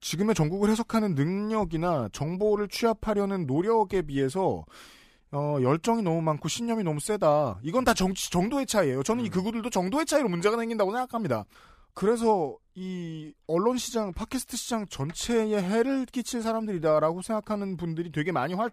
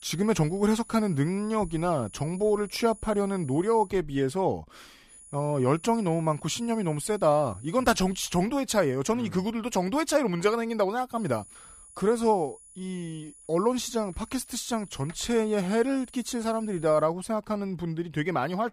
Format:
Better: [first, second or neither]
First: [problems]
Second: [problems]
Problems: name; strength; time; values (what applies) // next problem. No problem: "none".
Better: first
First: none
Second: high-pitched whine; faint; until 4 s, from 5 to 8.5 s and from 11 to 17 s; 10 kHz, 20 dB below the speech